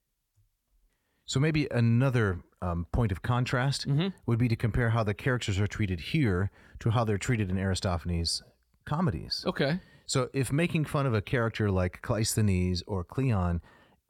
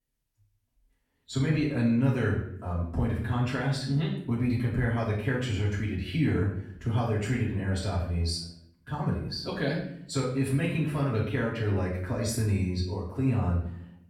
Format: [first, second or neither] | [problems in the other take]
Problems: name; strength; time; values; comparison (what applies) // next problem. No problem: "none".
first | off-mic speech; far // room echo; noticeable; dies away in 0.6 s